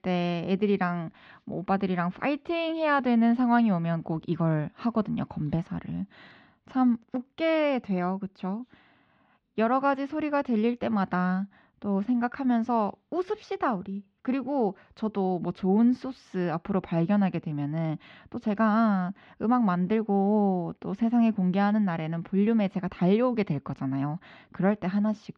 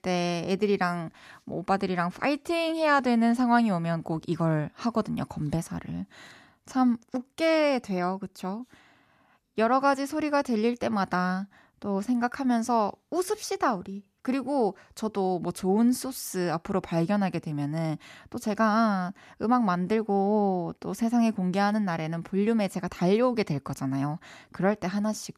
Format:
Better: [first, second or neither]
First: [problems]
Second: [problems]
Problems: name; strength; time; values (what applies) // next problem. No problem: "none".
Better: second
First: muffled; slightly; fading above 3.5 kHz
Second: none